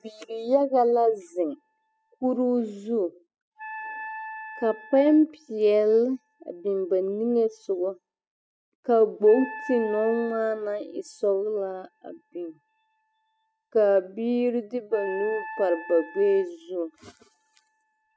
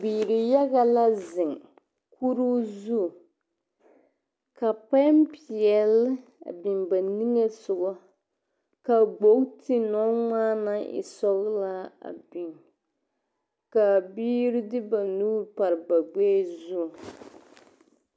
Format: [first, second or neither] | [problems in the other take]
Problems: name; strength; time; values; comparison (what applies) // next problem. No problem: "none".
second | noise reduction (classical method spectral subtraction)